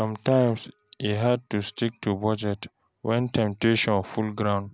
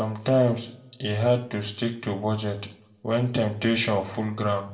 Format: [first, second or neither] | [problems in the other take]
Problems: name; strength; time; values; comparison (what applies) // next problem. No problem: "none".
first | room echo; dies away in 0.5 s